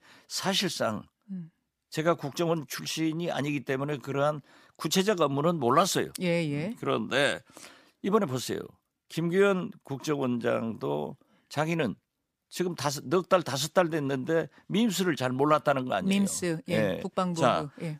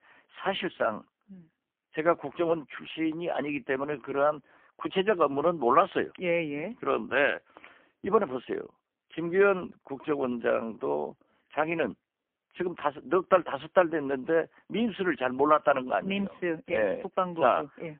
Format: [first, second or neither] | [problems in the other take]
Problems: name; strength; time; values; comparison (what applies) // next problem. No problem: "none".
first | phone-call audio; poor line; nothing above 3 kHz